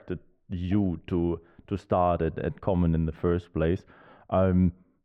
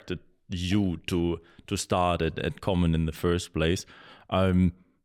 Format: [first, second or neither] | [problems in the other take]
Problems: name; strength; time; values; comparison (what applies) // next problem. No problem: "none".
second | muffled; very; fading above 3 kHz